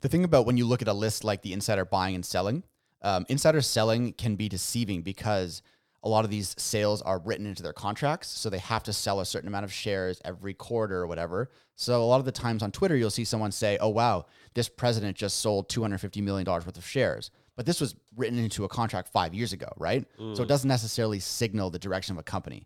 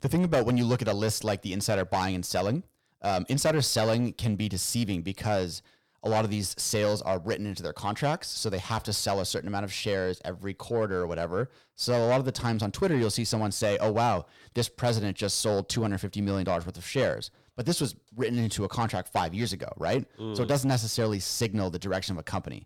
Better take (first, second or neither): first